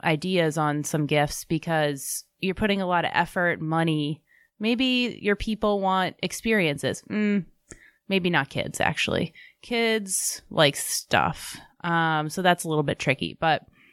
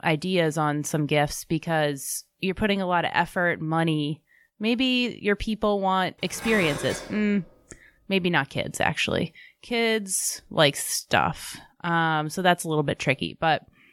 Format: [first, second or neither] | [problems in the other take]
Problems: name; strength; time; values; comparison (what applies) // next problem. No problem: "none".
first | clattering dishes; noticeable; from 6.5 to 7.5 s; peak 7 dB below the speech